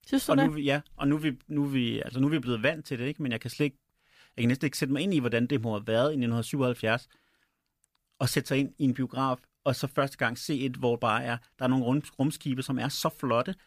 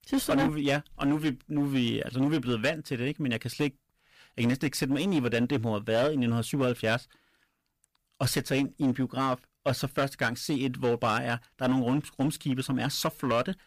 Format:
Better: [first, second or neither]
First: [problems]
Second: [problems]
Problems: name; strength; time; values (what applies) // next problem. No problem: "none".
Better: first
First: none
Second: distortion; slight; 7% of the sound clipped